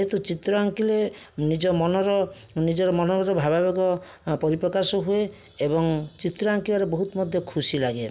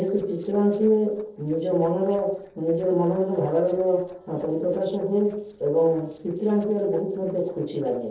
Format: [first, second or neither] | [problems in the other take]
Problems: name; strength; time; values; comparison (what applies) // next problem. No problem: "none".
first | noise reduction (neural separator model SepFormer DNS4)